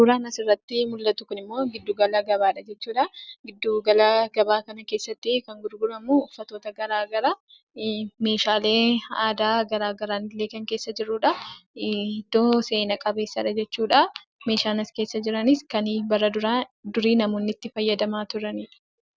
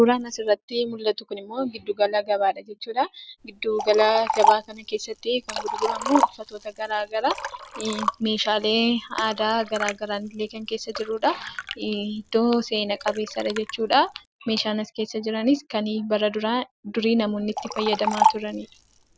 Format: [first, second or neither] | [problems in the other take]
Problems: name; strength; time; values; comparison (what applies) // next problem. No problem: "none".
first | background sound (Liquid); 6 dB below the speech